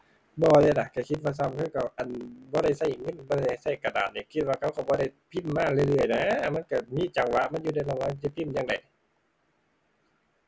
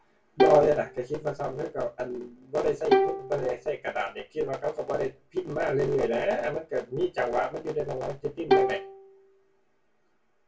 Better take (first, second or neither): first